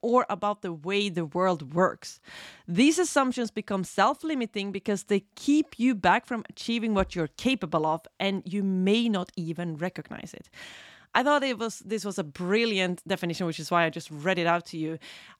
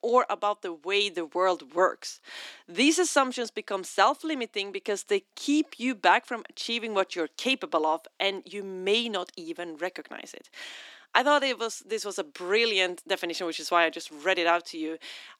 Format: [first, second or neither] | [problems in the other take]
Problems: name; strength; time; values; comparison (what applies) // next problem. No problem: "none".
first | thin; somewhat; fading below 300 Hz